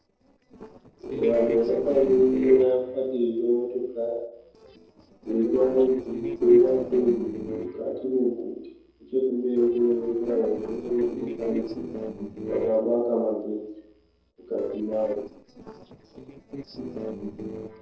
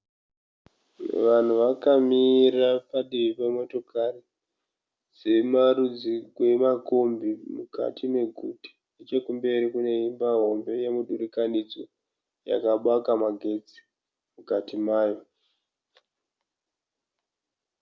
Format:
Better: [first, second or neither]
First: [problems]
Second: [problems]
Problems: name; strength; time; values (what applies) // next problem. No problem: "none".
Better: second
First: noise reduction (neural separator model SepFormer DNS4)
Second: none